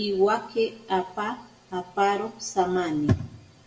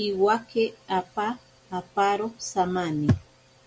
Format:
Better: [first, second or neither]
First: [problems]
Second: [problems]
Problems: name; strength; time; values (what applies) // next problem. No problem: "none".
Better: second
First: room echo; dies away in 0.6 s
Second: none